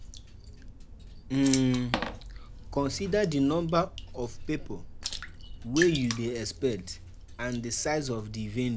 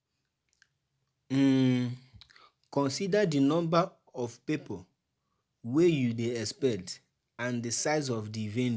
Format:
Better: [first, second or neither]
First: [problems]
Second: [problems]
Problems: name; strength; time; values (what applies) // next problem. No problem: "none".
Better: second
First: background sound (Water / Splash, splatter); 9 dB below the speech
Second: none